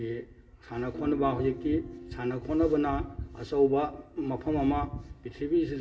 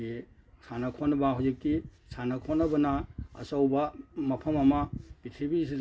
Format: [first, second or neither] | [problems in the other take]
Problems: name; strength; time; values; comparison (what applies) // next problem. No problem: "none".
second | background sound (Guitar); 17 dB below the speech // room echo; dies away in 1.2 s